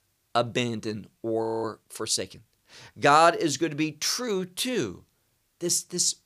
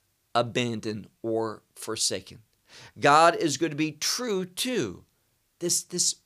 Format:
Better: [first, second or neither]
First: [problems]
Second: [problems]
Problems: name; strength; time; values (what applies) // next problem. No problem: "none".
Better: second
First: audio freezing; at 1.5 s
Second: none